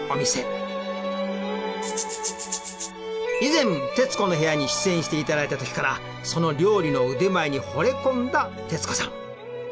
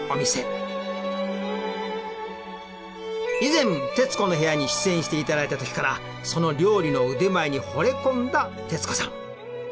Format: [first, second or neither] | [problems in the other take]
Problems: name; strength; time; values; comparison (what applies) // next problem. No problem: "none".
second | background sound (Rattle (instrument)); 8 dB below the speech